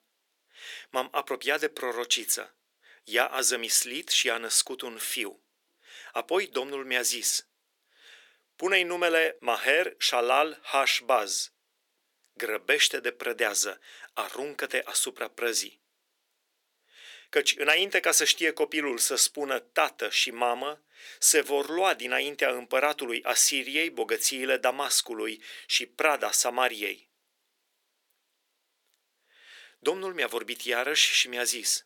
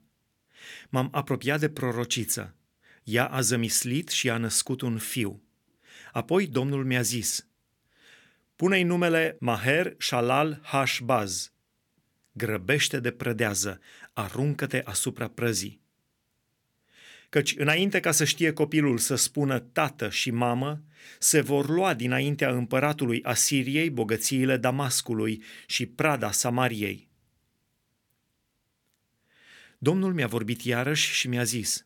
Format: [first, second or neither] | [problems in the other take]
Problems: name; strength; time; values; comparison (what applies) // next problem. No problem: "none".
second | thin; very; fading below 400 Hz